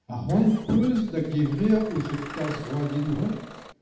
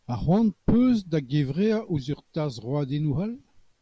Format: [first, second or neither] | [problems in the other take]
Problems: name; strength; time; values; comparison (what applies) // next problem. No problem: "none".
second | background sound (Engine starting / Bus); 16 dB below the speech // room echo; dies away in 0.8 s